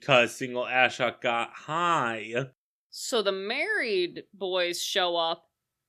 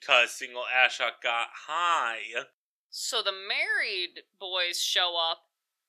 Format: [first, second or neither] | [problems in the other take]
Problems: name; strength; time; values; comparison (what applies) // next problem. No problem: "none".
first | thin; very; fading below 800 Hz